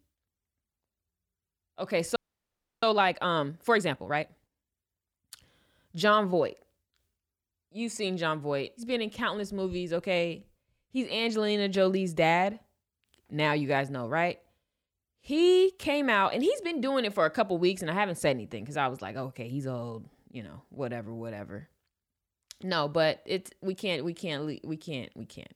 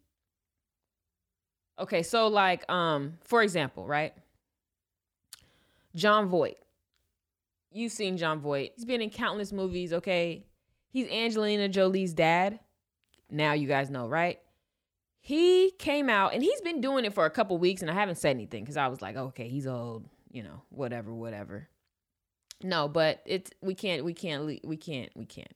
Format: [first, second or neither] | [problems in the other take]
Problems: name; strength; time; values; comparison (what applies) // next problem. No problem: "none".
second | audio freezing; at 2 s for 0.5 s